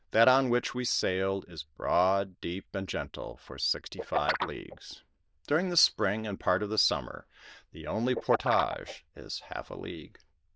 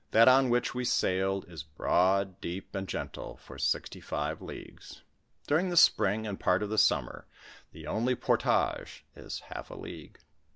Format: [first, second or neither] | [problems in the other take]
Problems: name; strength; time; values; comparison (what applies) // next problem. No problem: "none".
second | noise reduction (neural diffusion model UNIVERSE++)